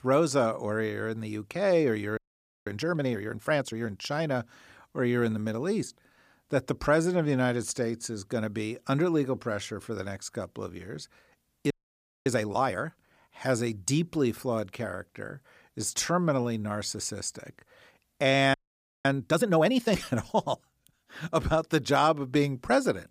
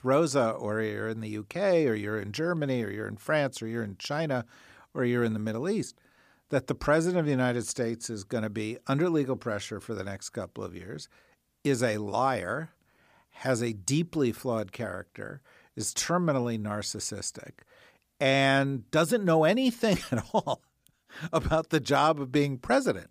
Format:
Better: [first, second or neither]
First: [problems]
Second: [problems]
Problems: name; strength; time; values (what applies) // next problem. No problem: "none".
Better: second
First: audio freezing; at 2 s, at 12 s for 0.5 s and at 19 s for 0.5 s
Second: none